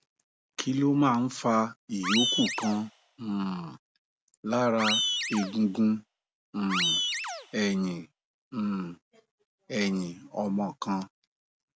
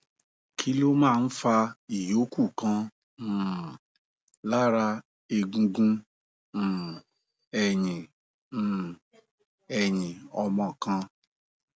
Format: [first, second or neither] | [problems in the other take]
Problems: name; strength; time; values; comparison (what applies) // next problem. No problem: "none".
second | background sound (Animal); 2 dB below the speech